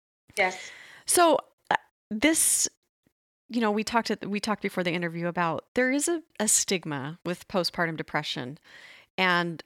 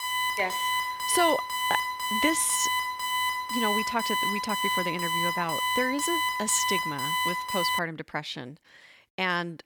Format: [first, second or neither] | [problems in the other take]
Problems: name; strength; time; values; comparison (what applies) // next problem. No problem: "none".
first | alarm; loud; until 8 s; peak 3 dB above the speech